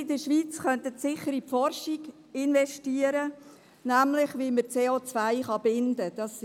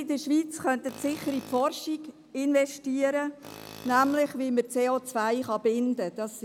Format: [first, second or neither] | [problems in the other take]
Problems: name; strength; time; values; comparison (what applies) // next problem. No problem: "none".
first | background sound (Tools); 19 dB below the speech